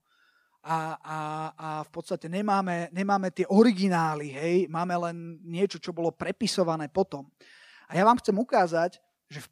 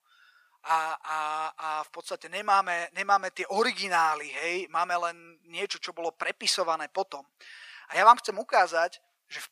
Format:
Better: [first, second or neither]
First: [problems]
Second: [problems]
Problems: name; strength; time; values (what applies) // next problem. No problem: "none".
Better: first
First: none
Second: thin; very; fading below 800 Hz